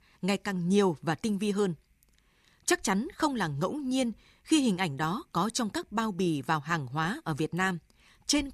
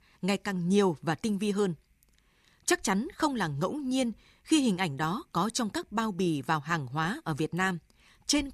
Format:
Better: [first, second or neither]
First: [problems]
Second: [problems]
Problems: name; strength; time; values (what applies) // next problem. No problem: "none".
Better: neither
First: none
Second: none